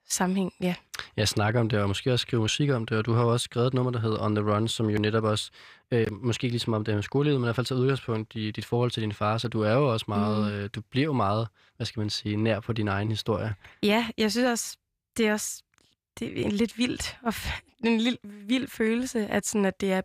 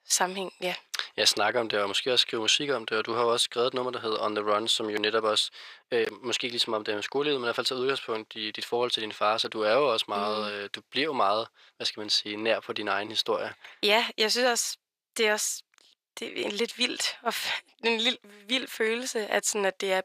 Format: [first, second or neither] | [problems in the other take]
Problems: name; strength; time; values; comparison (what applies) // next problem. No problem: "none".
first | thin; very; fading below 500 Hz